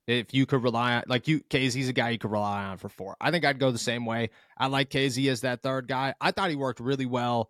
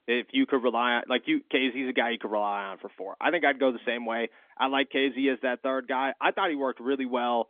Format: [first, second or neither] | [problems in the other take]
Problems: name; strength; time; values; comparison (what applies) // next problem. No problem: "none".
first | phone-call audio; nothing above 3.5 kHz